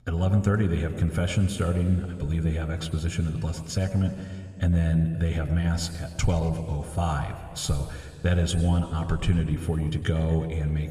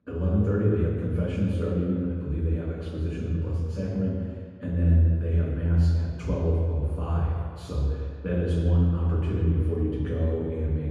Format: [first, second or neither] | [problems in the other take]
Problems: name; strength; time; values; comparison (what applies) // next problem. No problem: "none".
first | room echo; strong; dies away in 1.8 s; slight in the first // off-mic speech; far